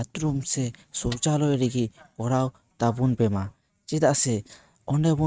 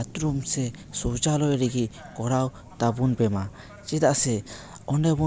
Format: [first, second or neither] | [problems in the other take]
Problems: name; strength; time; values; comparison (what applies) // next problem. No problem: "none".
second | noise reduction (neural mask model RNNoise)